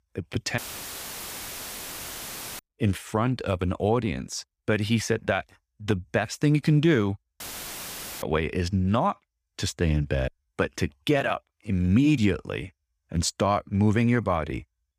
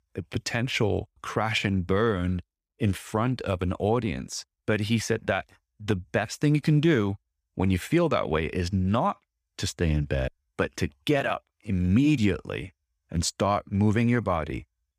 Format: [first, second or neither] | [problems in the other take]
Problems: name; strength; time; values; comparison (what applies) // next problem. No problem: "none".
second | audio cutting out; filled with static; at 0.5 s for 2 s and at 7.5 s for 1 s